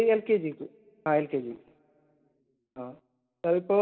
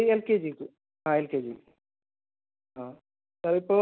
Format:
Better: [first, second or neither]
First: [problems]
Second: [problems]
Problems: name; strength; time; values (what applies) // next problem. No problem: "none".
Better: second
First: room echo; dies away in 0.3 s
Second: none